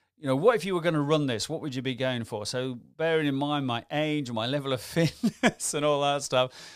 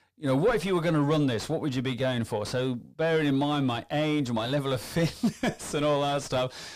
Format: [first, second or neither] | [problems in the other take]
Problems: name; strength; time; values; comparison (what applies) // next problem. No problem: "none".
first | distortion; heavy; 6 dB below the speech